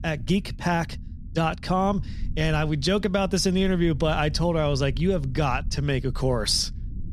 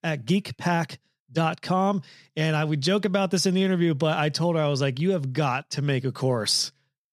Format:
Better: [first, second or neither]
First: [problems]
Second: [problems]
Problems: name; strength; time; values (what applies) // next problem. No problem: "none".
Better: second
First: low rumble; faint; throughout; 25 dB below the speech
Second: none